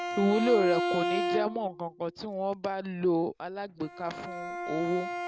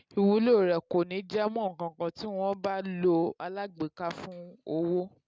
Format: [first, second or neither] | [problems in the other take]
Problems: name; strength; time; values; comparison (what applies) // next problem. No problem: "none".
second | background sound (Bowed string instrument); 4 dB below the speech